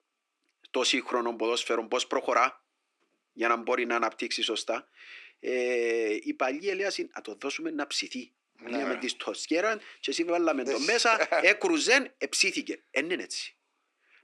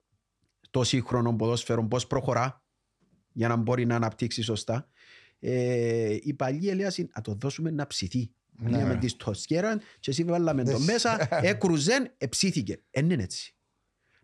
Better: second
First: thin; somewhat; fading below 300 Hz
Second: none

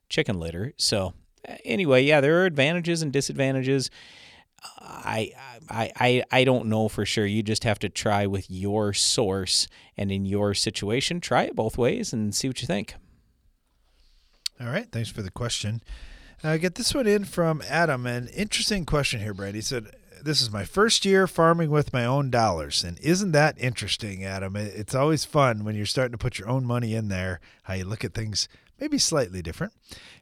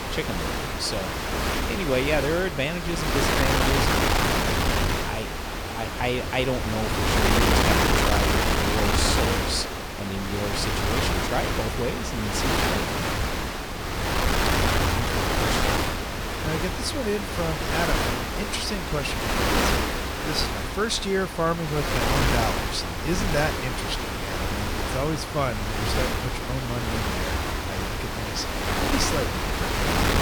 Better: first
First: none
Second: wind noise on the microphone; heavy; 4 dB above the speech

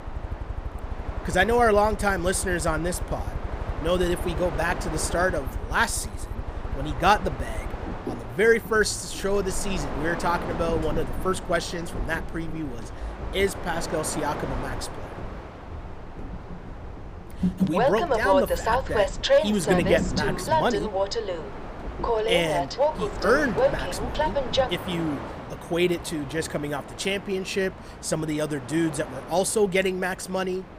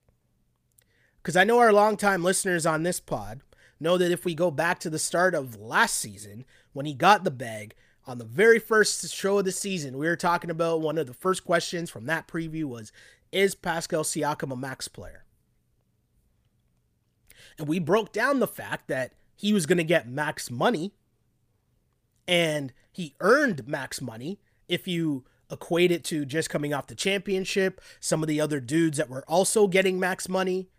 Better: second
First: train or aircraft noise; loud; throughout; 3 dB below the speech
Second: none

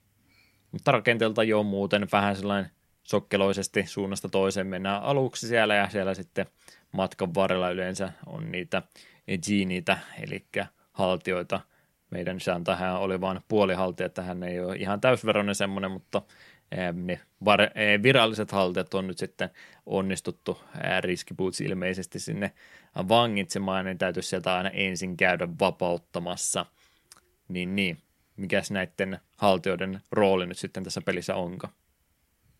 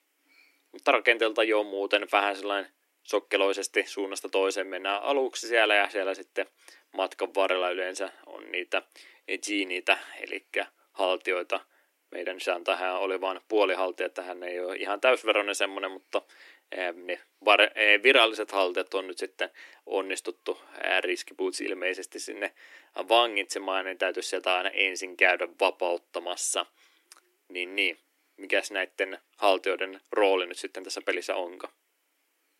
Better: first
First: none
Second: thin; somewhat; fading below 300 Hz

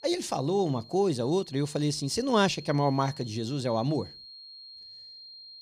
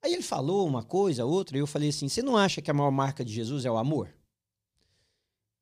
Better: second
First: high-pitched whine; noticeable; throughout; 4 kHz, 20 dB below the speech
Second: none

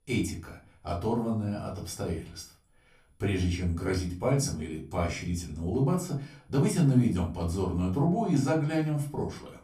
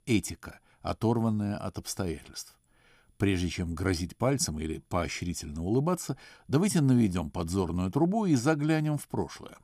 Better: second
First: off-mic speech; far // room echo; very slight; dies away in 0.3 s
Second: none

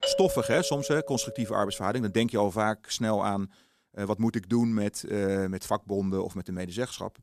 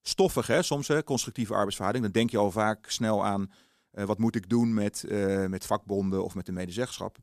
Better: second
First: doorbell; noticeable; until 1.5 s; peak level with the speech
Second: none

